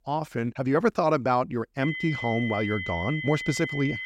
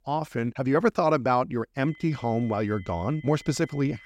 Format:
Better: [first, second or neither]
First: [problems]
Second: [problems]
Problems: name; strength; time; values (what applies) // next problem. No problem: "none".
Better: second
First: high-pitched whine; loud; from 2 s on; 2 kHz, 6 dB below the speech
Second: high-pitched whine; faint; from 2 s on; 2 kHz, 25 dB below the speech